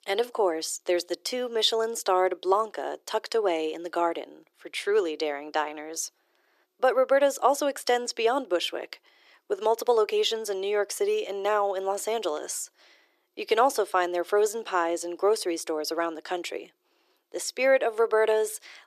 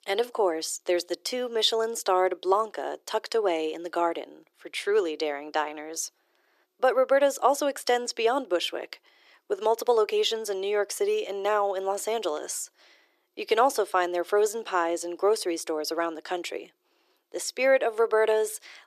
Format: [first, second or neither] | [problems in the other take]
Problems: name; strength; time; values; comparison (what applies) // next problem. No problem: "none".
neither | thin; very; fading below 350 Hz; the same in both